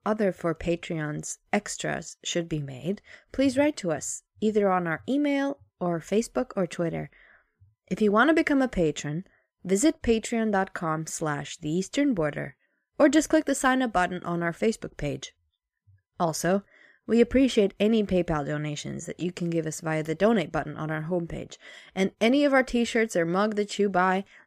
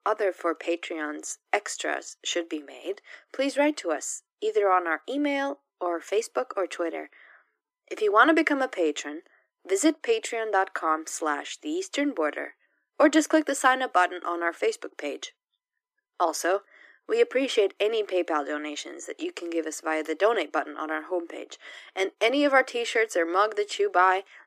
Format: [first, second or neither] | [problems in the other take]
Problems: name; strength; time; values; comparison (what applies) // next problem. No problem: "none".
first | thin; somewhat; fading below 300 Hz